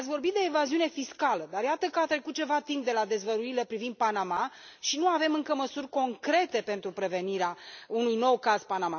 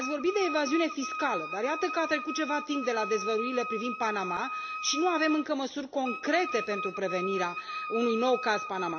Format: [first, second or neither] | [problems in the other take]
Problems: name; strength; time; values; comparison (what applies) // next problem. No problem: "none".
first | background sound (Wind instrument, woodwind instrument); 6 dB below the speech // room echo; dies away in 0.5 s